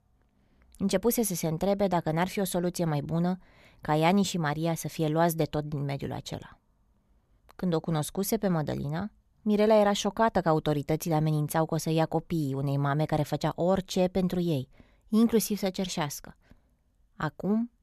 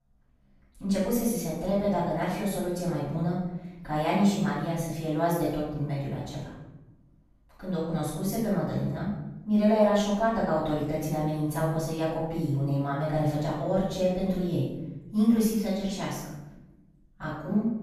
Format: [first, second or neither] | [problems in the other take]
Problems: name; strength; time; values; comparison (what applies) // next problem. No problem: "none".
first | room echo; strong; dies away in 0.9 s // off-mic speech; far